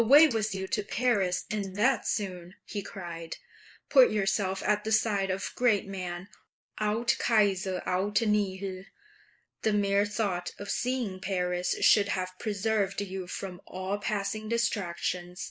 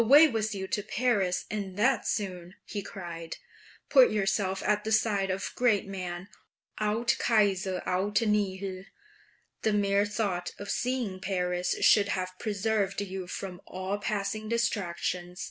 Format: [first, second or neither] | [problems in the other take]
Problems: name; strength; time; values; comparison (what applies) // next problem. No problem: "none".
second | noise reduction (neural mask model Resemble Enhance denoiser)